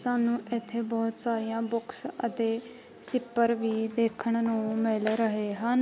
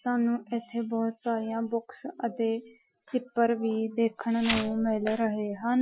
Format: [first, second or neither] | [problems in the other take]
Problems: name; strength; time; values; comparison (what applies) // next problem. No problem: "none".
first | noise reduction (classical method Wiener filter)